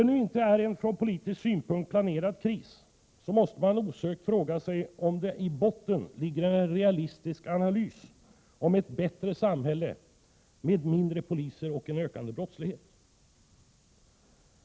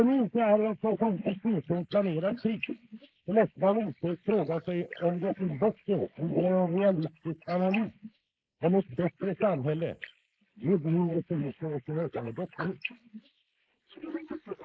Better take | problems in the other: first | noise reduction (neural mask model Resemble Enhance denoiser)

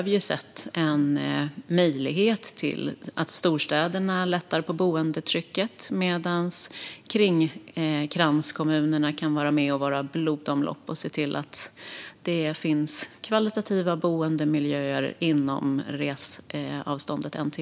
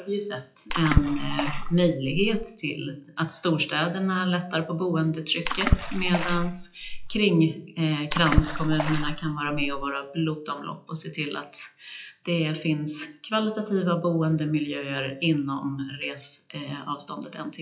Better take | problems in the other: first | noise reduction (classical method WPE with log-MMSE)

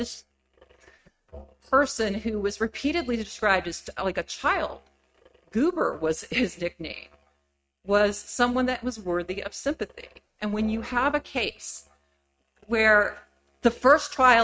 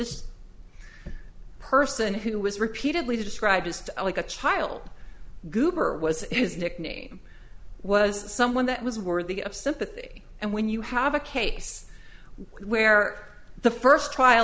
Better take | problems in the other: second | noise reduction (neural mask model RNNoise)

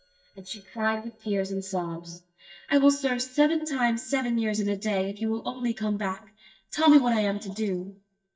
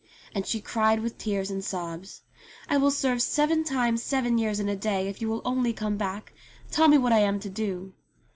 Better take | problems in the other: second | noise reduction (neural mask model DeepFilterNet 3)

